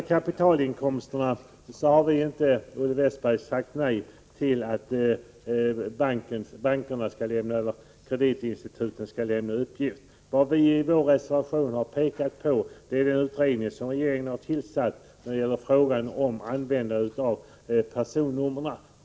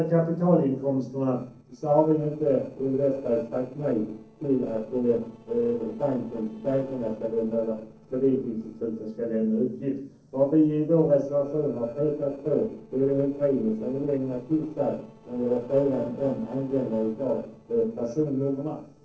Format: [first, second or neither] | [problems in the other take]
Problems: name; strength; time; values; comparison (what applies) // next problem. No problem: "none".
first | noise reduction (neural separator model SepFormer DNS4)